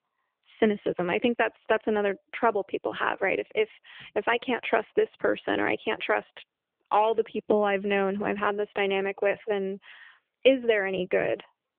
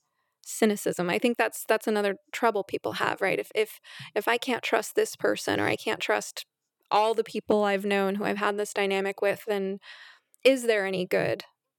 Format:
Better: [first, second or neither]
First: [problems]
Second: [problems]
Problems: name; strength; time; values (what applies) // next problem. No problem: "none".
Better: second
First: phone-call audio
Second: none